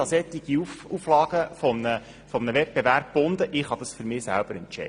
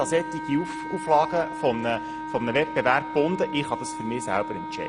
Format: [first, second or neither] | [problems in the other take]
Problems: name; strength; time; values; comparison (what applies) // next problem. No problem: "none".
first | background sound (Wind instrument, woodwind instrument); 8 dB below the speech